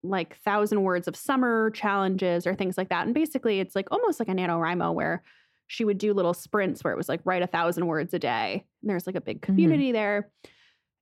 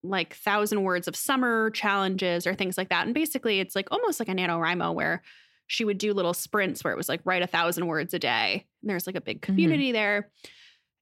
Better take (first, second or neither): second